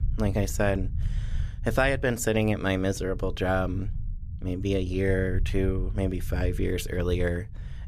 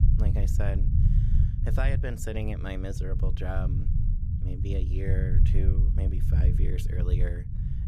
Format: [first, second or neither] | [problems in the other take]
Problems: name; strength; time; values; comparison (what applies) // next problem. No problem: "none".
first | low rumble; loud; throughout; 4 dB below the speech; faint in the first